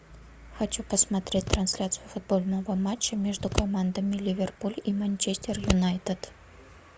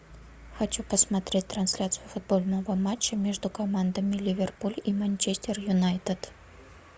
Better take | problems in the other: second | background sound (Scissors); 5 dB below the speech

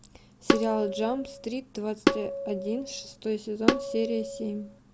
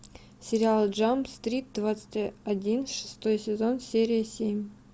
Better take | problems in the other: second | background sound (Tabla); 2 dB above the speech

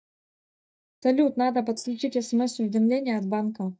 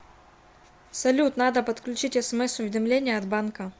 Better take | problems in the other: second | noise reduction (neural mask model DeepFilterNet 3)

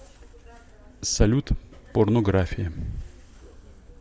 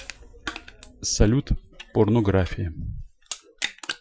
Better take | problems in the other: first | noise reduction (classical method Wiener filter)

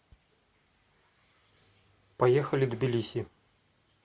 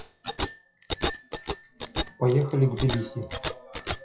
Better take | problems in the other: first | noise reduction (classical method WPE with log-MMSE)

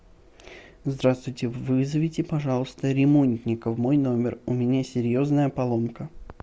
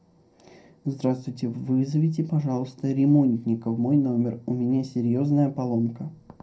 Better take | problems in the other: first | room echo; dies away in 0.2 s

